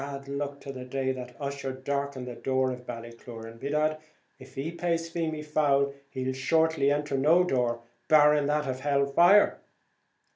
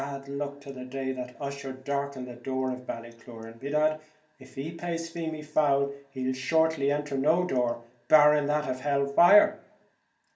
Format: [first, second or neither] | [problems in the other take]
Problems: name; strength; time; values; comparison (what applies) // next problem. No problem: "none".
first | room echo; dies away in 0.4 s